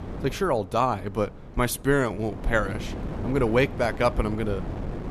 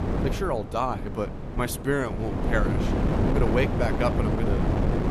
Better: first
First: wind noise on the microphone; occasional gusts; 15 dB below the speech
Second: wind noise on the microphone; heavy; 3 dB below the speech

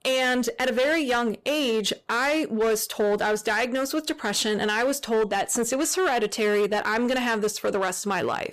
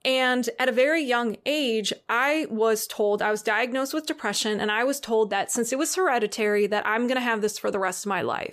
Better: second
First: distortion; slight; 14% of the sound clipped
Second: none

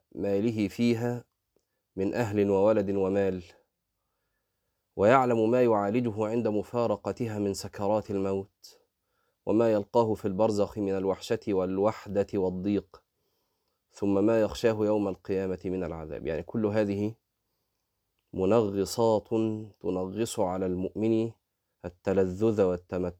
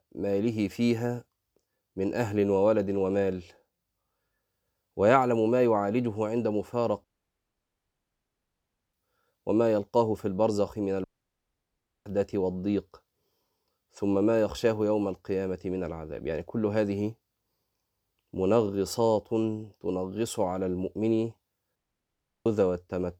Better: first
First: none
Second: audio cutting out; at 7 s for 2 s, at 11 s for 1 s and at 22 s for 0.5 s

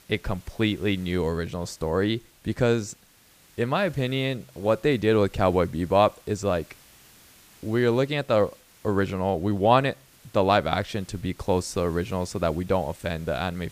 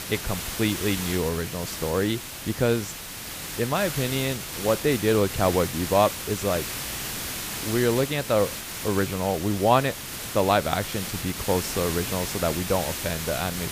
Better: first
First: hiss; faint; throughout; 25 dB below the speech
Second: hiss; loud; throughout; 6 dB below the speech

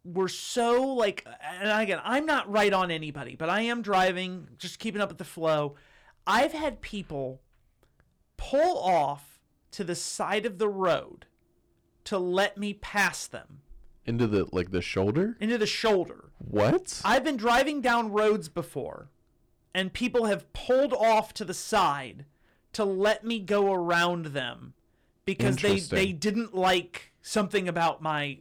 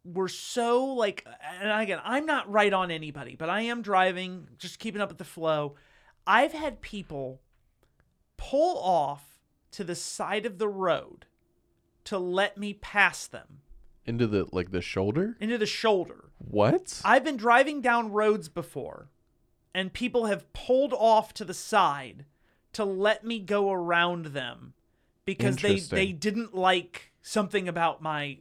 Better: second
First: distortion; slight; 4% of the sound clipped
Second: none

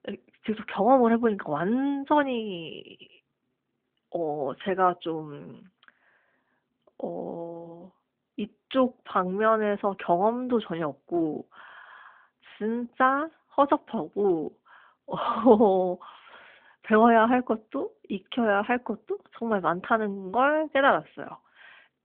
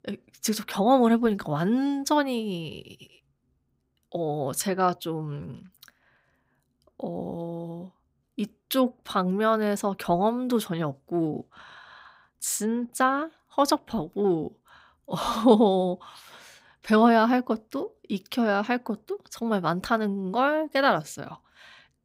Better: second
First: phone-call audio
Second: none

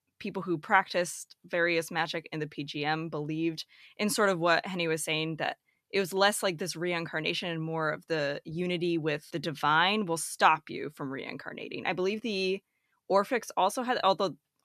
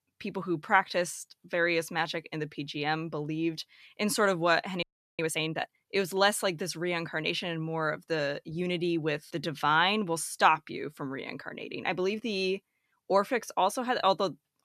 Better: first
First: none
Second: audio freezing; at 5 s

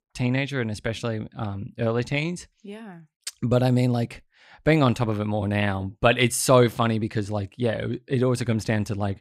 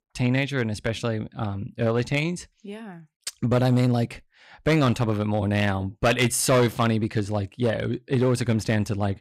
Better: first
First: none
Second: distortion; slight; 5% of the sound clipped

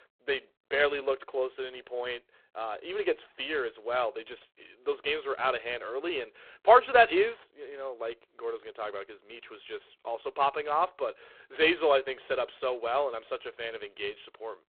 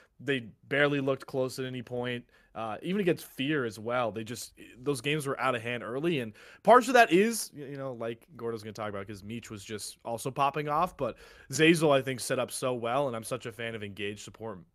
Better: second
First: phone-call audio; poor line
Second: none

